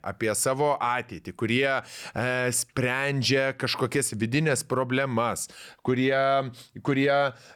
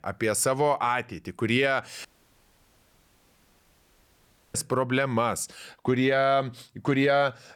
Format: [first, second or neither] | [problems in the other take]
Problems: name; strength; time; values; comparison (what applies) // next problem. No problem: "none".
first | audio cutting out; at 2 s for 2.5 s